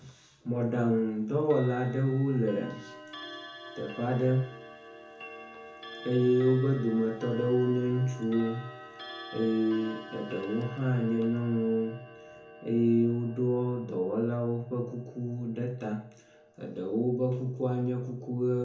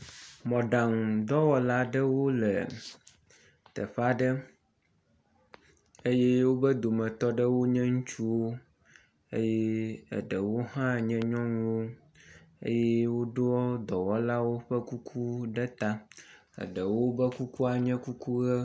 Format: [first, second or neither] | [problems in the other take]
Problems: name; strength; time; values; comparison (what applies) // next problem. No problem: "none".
second | background sound (Clock); 17 dB below the speech // room echo; dies away in 0.6 s